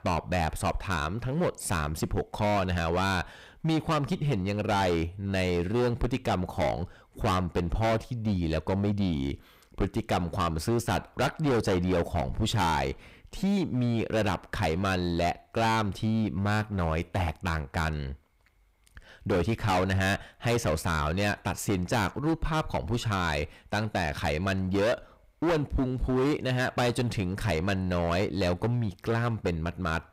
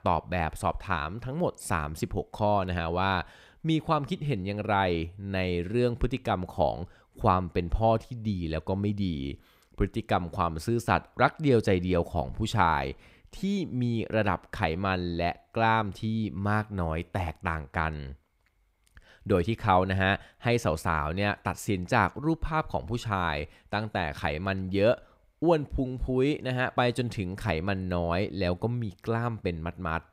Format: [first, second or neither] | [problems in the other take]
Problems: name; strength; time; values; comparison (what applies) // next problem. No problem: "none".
second | distortion; heavy; 15% of the sound clipped